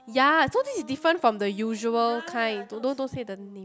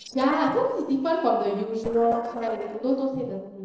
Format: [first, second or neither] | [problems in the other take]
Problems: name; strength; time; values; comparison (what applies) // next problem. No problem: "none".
first | noise reduction (neural separator model SepFormer DNS4)